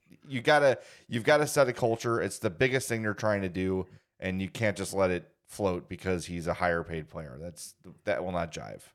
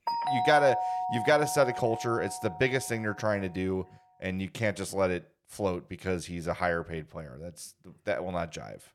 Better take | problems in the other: first | doorbell; loud; until 3 s; peak 1 dB above the speech

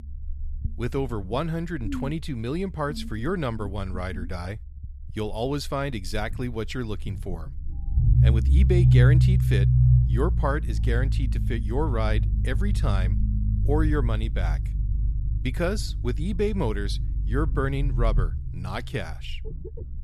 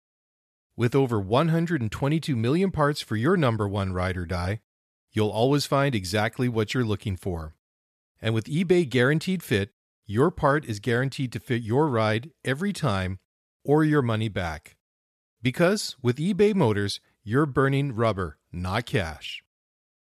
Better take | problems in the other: second | low rumble; loud; throughout; 7 dB below the speech

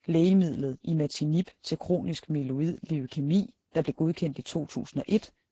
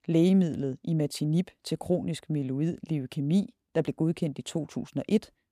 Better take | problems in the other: second | garbled, watery; badly; nothing above 7.5 kHz

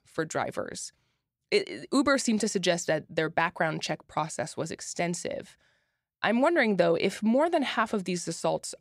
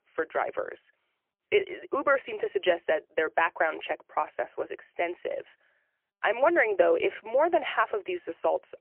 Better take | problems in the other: first | phone-call audio; poor line; nothing above 3 kHz

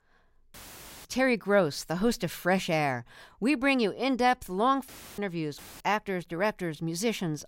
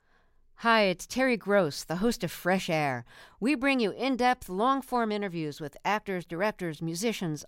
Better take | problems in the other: second | audio cutting out; filled with static; at 0.5 s for 0.5 s, at 5 s and at 5.5 s

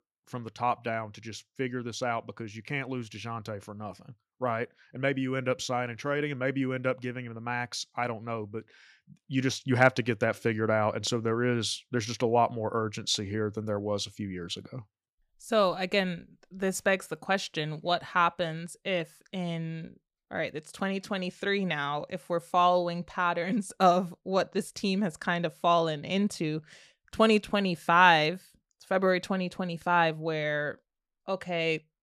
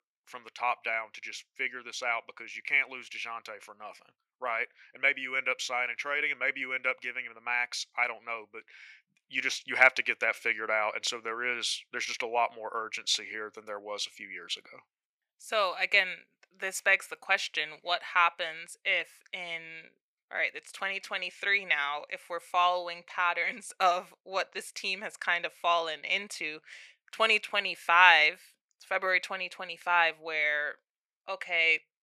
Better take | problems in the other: first | thin; very; fading below 700 Hz

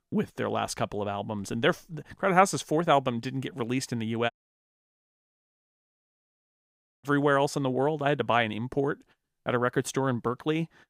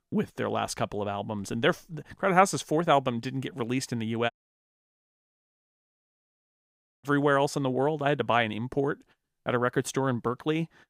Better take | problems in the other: neither | audio cutting out; at 4.5 s for 2.5 s; the same in both

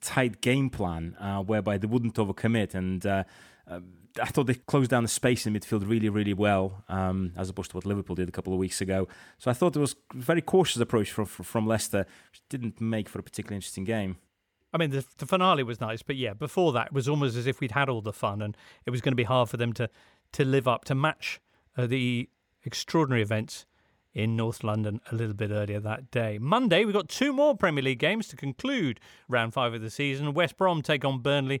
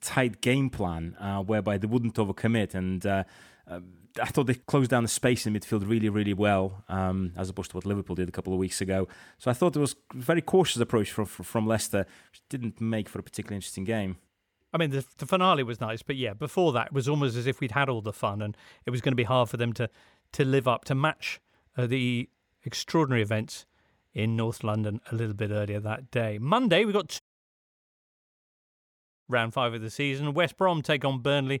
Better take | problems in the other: first | audio cutting out; at 27 s for 2 s

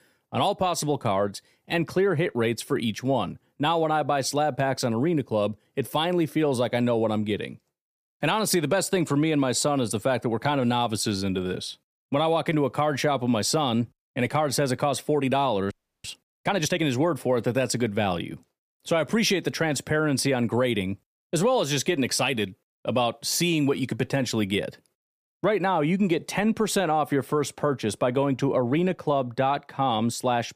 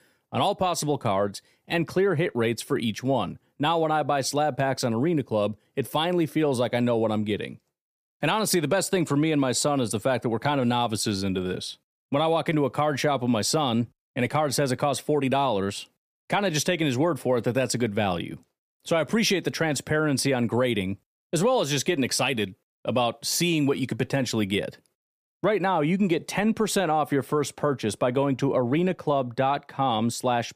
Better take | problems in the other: second | audio freezing; at 16 s

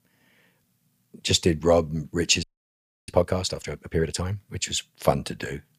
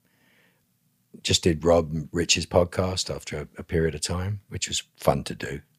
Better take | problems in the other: second | audio freezing; at 2.5 s for 0.5 s

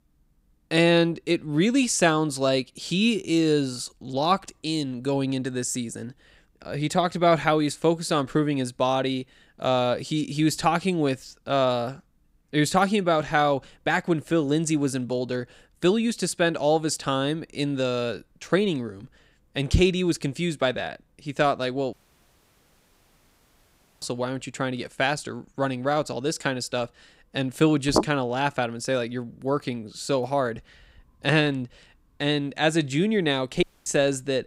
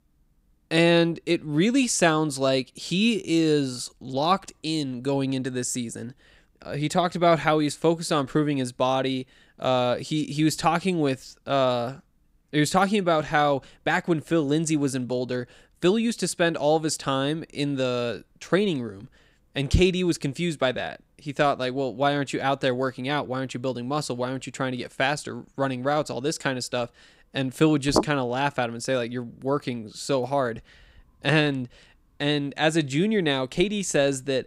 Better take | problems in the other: second | audio cutting out; at 22 s for 2 s and at 34 s

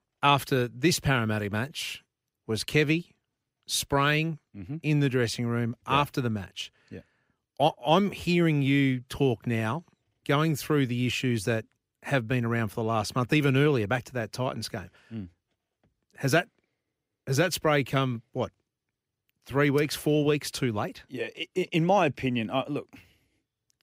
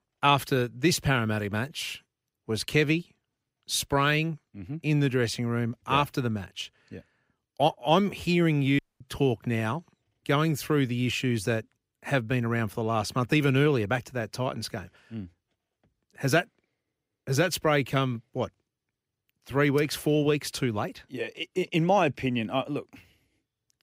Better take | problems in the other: first | audio cutting out; at 9 s

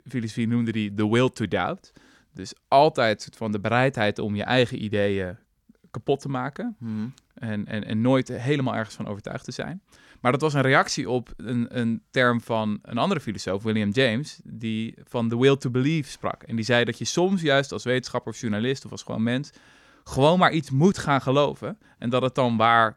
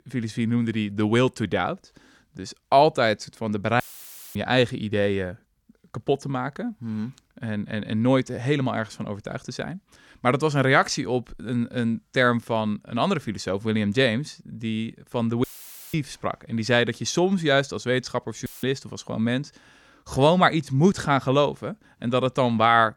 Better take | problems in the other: first | audio cutting out; filled with static; at 4 s for 0.5 s, at 15 s for 0.5 s and at 18 s

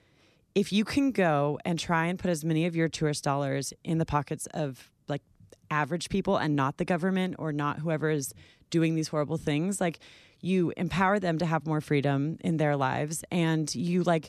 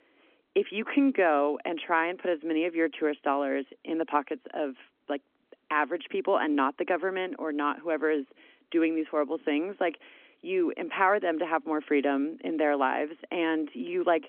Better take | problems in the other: first | phone-call audio; nothing above 3.5 kHz

